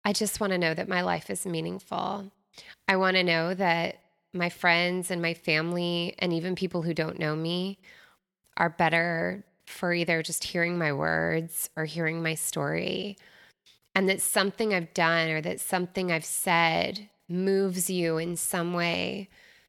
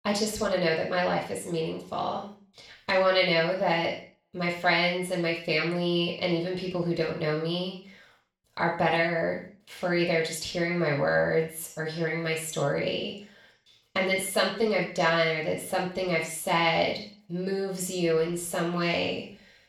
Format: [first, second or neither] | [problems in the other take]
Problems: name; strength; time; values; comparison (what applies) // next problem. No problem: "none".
first | room echo; noticeable; dies away in 0.4 s // off-mic speech; far